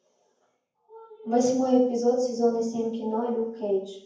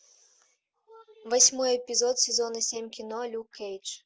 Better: second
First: room echo; dies away in 0.9 s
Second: none

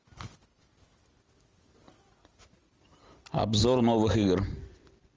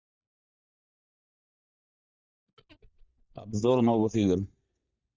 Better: first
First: none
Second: noise reduction (neural mask model DeepFilterNet 3)

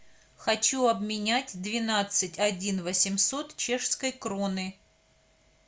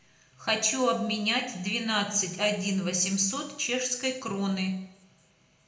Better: first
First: none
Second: room echo; dies away in 0.7 s

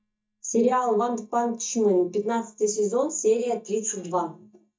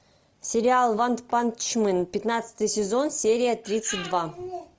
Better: second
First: noise reduction (neural mask model DeepFilterNet 3)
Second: none

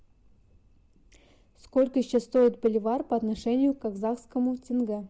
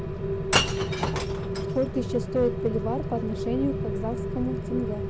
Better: first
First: none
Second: background sound (Rain + Shatter / Crushing); 2 dB above the speech

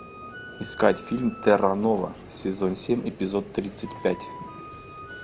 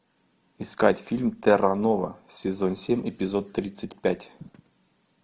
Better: second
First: background sound (Vehicle + Wind instrument, woodwind instrument); 15 dB below the speech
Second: none

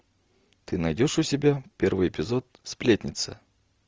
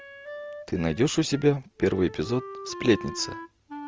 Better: first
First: none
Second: background sound (Wind instrument, woodwind instrument); 14 dB below the speech

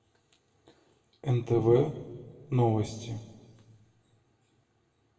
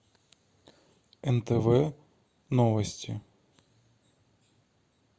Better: second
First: room echo; dies away in 1.2 s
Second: none

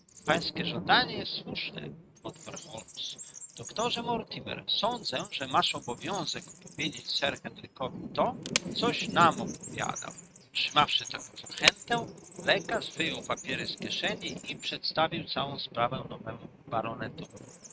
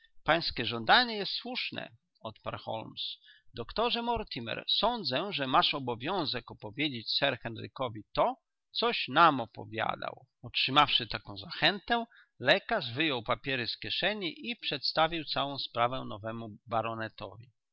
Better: second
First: noise reduction (neural mask model RNNoise)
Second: none

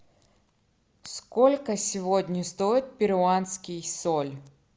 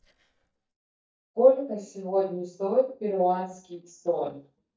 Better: first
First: none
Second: noise reduction (neural mask model DeepFilterNet 3)

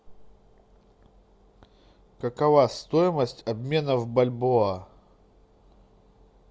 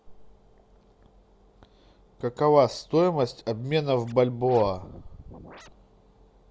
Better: first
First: none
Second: background sound (Scratching (performance technique)); 18 dB below the speech

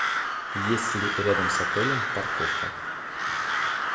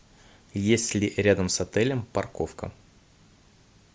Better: second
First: background sound (Crow); 4 dB above the speech // room echo; dies away in 0.5 s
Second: none

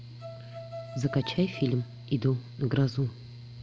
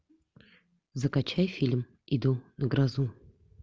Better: second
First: background sound (Mechanical fan + Bowed string instrument); 12 dB below the speech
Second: none

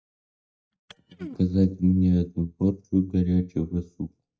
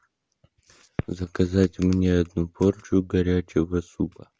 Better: second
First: noise reduction (neural mask model DeepFilterNet 3)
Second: none

